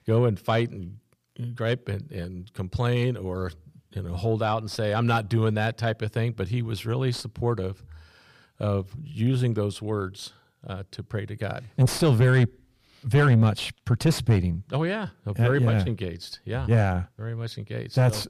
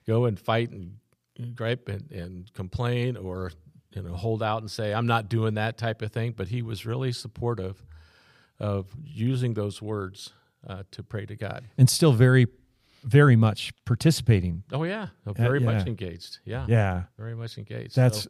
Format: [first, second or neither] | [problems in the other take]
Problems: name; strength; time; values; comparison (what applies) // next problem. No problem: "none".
second | distortion; slight; 9 dB below the speech